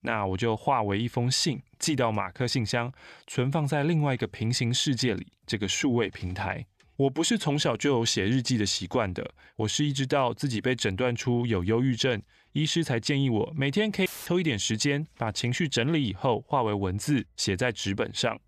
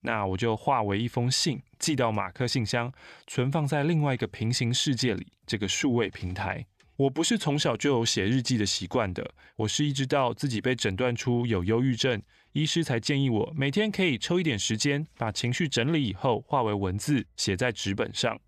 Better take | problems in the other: second | audio cutting out; filled with static; at 14 s

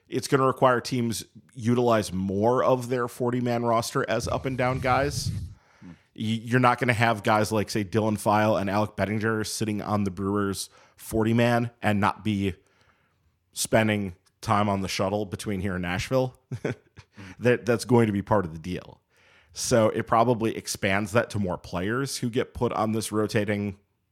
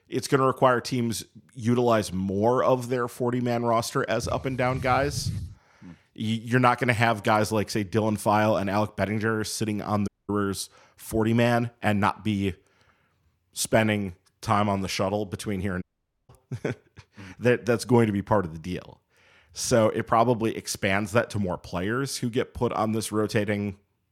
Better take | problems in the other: first | audio cutting out; at 10 s and at 16 s

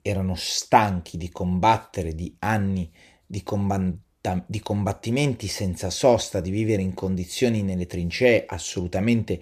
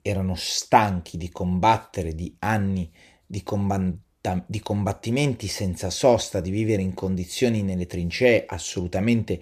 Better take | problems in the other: neither | none

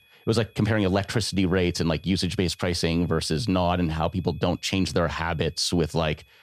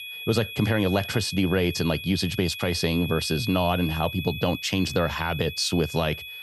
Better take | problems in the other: first | high-pitched whine; loud; throughout; 2.5 kHz, 9 dB below the speech; faint in the first

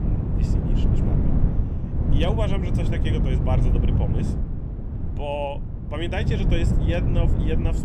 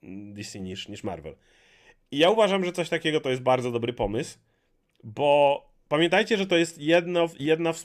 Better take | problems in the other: second | wind noise on the microphone; heavy; 4 dB below the speech

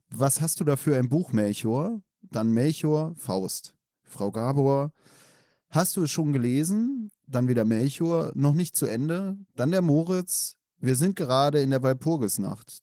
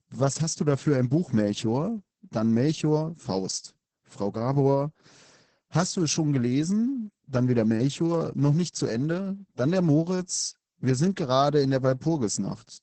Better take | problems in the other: first | garbled, watery; badly; nothing above 8 kHz; slightly in the first

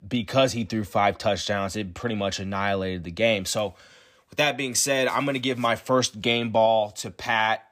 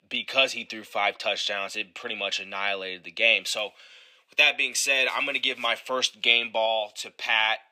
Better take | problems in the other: first | thin; somewhat; fading below 450 Hz

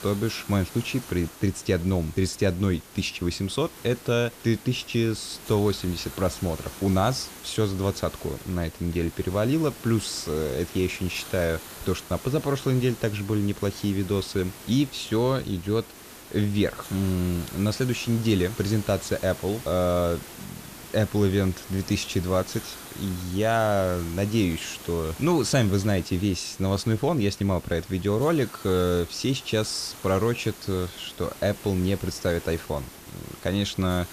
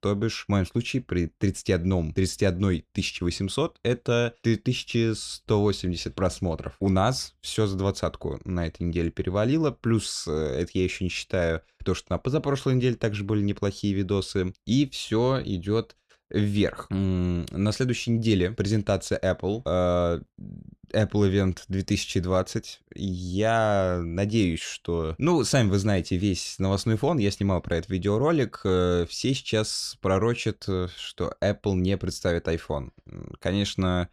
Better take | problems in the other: second | hiss; noticeable; throughout; 15 dB below the speech

